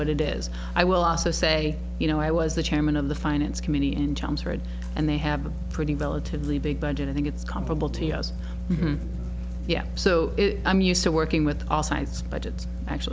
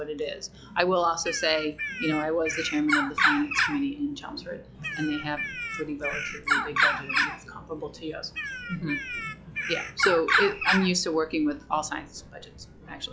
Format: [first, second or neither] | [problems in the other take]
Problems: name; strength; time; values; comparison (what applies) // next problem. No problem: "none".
first | noise reduction (classical method log-MMSE)